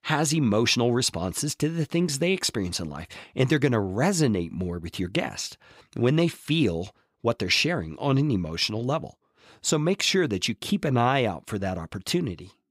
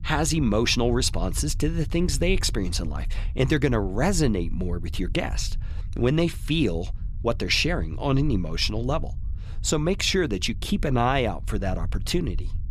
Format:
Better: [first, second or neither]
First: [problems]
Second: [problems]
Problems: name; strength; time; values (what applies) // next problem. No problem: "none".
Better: first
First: none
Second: low rumble; faint; throughout; 25 dB below the speech